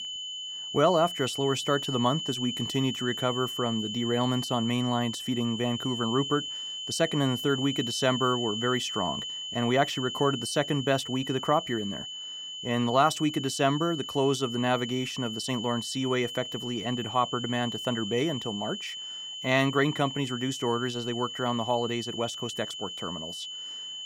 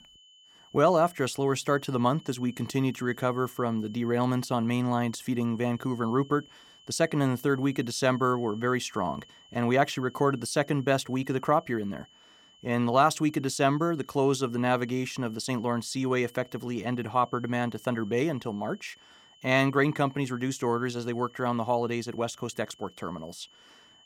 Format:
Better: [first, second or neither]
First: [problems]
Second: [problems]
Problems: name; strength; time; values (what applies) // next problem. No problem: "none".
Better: second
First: high-pitched whine; loud; throughout; 3 kHz, 6 dB below the speech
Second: high-pitched whine; faint; throughout; 3 kHz, 25 dB below the speech